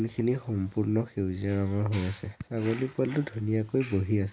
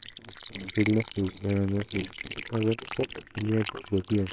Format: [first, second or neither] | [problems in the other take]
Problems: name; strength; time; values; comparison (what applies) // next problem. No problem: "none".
first | noise reduction (neural separator model SepFormer WHAMR!)